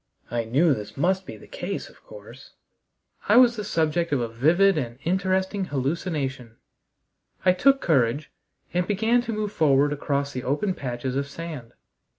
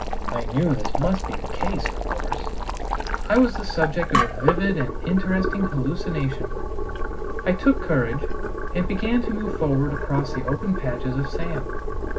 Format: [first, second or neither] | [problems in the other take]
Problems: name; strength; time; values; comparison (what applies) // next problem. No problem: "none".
first | background sound (Boiling); as loud as the speech // room echo; dies away in 0.4 s